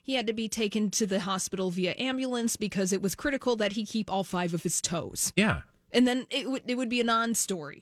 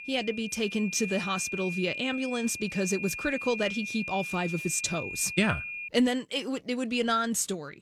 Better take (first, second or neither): first